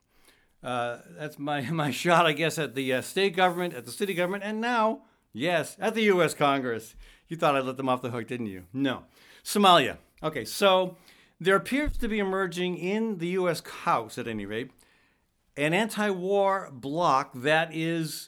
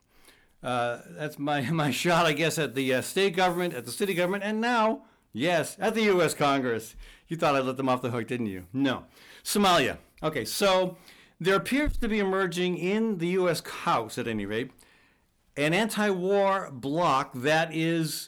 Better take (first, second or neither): first